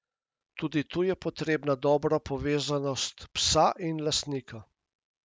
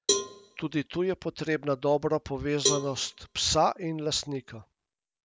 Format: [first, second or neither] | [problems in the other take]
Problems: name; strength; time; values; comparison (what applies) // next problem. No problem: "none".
first | background sound (Cowbell); 6 dB below the speech